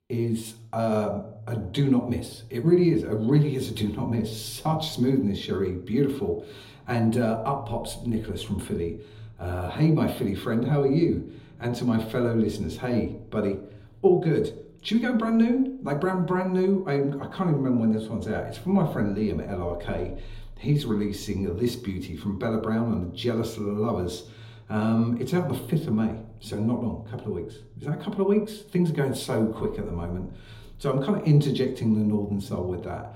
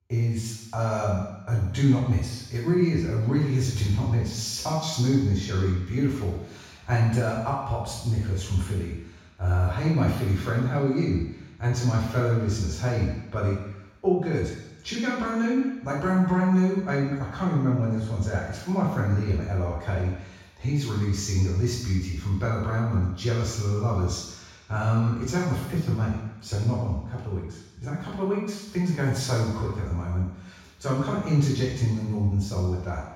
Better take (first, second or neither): first